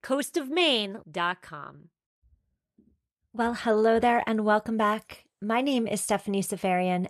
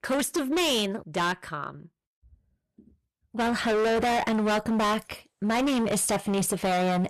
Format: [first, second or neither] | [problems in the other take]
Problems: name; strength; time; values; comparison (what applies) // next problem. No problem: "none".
first | distortion; heavy; 24% of the sound clipped